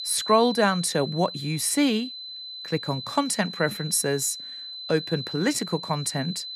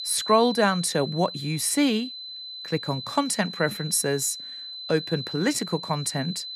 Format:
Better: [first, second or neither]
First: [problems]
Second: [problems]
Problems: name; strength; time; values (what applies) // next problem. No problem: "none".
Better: neither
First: high-pitched whine; loud; throughout; 4 kHz, 9 dB below the speech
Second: high-pitched whine; loud; throughout; 4 kHz, 9 dB below the speech